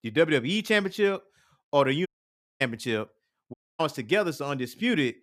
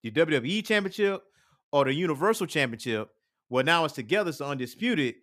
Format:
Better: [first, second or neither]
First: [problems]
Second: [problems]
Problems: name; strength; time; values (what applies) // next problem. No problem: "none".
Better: second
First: audio cutting out; at 2 s for 0.5 s and at 3.5 s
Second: none